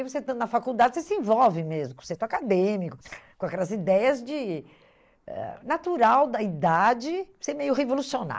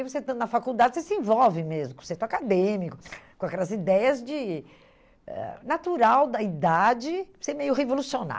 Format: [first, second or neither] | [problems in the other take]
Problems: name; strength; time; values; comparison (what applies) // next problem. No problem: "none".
second | noise reduction (neural mask model Resemble Enhance denoiser)